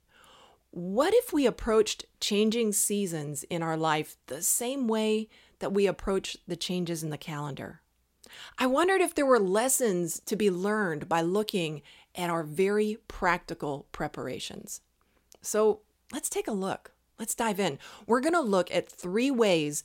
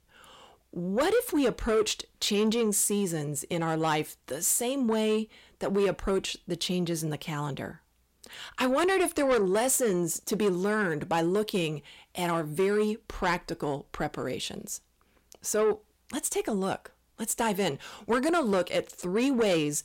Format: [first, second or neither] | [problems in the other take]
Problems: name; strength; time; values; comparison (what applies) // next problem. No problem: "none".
first | distortion; slight; 10 dB below the speech